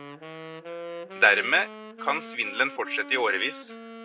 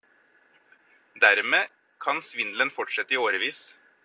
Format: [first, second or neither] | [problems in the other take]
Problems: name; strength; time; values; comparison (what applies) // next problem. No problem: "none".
second | background sound (Wind instrument, woodwind instrument); 13 dB below the speech